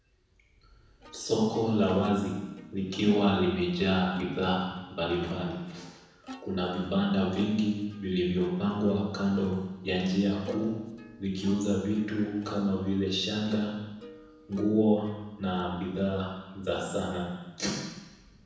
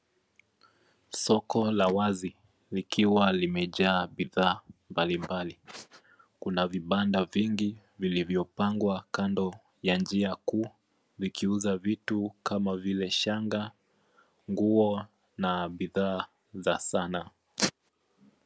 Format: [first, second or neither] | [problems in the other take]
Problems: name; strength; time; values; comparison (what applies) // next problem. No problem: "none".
second | background sound (Plucked string instrument); 19 dB below the speech // room echo; dies away in 1.1 s